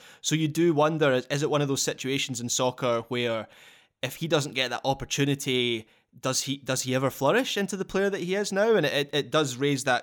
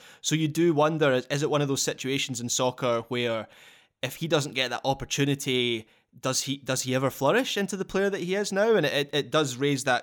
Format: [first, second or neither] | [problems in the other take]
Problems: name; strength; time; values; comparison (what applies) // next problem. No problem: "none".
neither | none